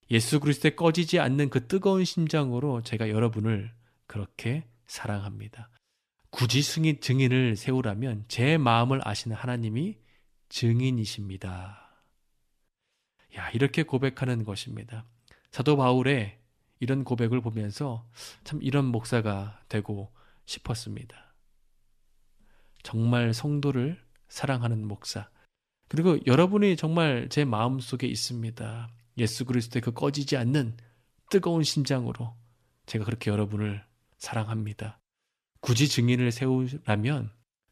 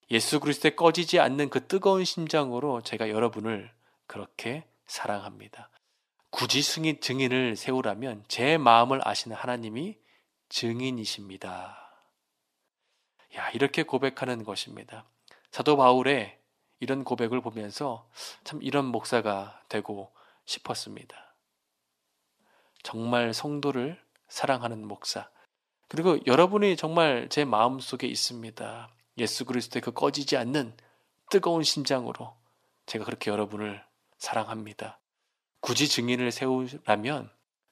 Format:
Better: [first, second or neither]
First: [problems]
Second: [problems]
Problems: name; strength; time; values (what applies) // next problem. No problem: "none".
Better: first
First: none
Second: thin; somewhat; fading below 300 Hz